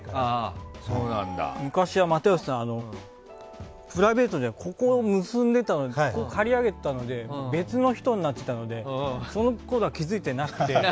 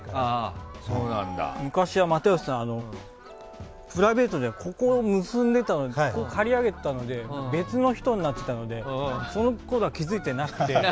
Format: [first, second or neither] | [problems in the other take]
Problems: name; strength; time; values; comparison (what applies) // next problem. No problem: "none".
first | background sound (Fowl); 19 dB below the speech